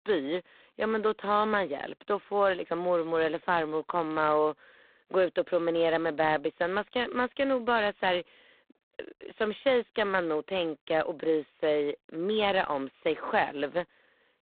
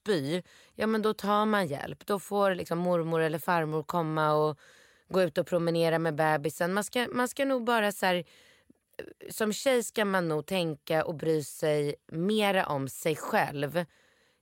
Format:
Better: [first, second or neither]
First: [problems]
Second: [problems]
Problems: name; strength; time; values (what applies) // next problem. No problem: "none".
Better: second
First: phone-call audio; poor line; nothing above 3.5 kHz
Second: none